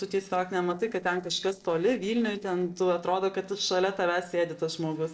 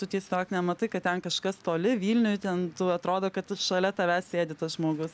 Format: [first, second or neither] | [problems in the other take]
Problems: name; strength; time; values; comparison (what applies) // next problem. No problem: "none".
second | noise reduction (neural separator model SepFormer DNS4)